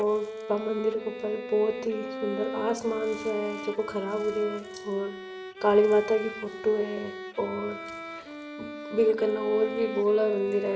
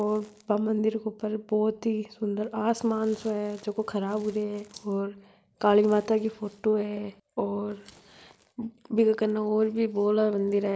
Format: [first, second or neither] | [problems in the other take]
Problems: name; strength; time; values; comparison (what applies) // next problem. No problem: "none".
second | background sound (Bowed string instrument); 10 dB below the speech // room echo; dies away in 0.6 s